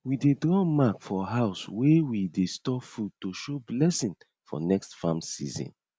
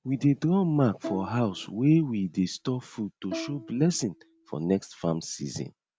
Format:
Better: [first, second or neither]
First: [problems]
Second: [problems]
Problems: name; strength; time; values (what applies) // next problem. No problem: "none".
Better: first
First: none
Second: background sound (Bowed string instrument); 15 dB below the speech